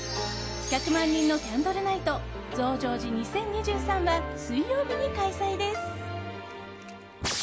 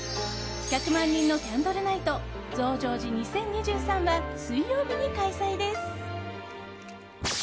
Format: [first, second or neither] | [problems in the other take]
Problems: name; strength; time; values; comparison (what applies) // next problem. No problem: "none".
second | background sound (Wind instrument, woodwind instrument); 19 dB below the speech